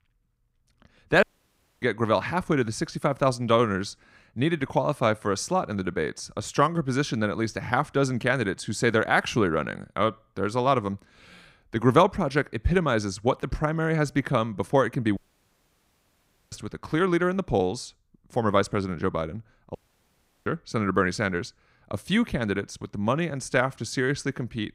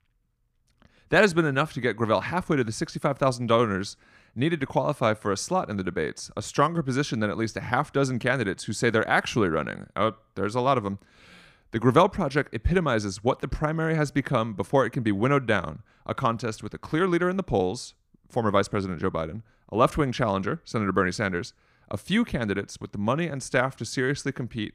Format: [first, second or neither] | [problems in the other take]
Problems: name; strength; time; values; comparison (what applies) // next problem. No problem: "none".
second | audio cutting out; at 1 s for 0.5 s, at 15 s for 1.5 s and at 20 s for 0.5 s